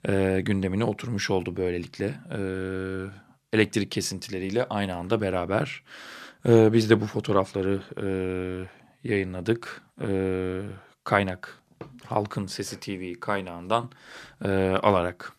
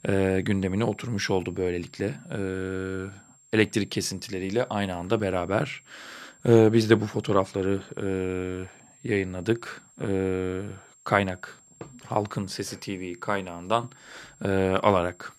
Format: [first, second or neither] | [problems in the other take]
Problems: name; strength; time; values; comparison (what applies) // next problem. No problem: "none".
first | high-pitched whine; faint; throughout; 7.5 kHz, 30 dB below the speech